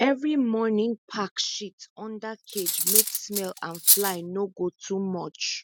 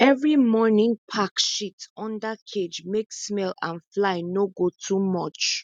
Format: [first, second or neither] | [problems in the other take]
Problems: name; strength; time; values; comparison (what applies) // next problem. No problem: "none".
second | background sound (Cutlery, silverware); 4 dB above the speech